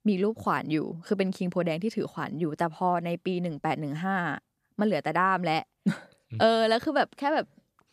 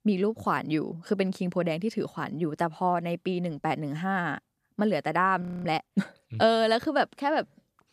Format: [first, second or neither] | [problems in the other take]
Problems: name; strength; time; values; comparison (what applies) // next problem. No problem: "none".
first | audio freezing; at 5.5 s